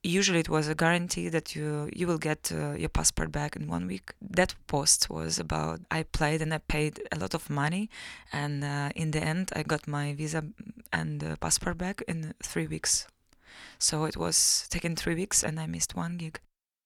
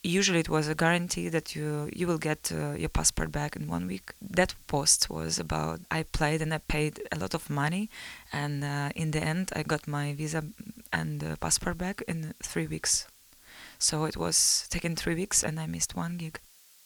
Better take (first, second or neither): first